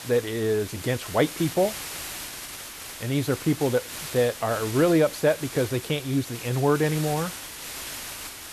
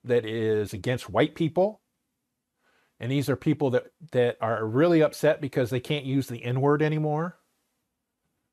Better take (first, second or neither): second